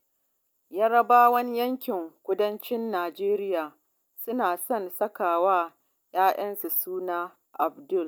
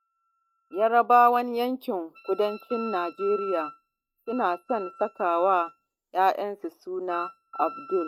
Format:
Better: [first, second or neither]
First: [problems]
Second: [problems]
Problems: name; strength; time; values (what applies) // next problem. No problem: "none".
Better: first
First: none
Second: noise reduction (neural mask model RNNoise)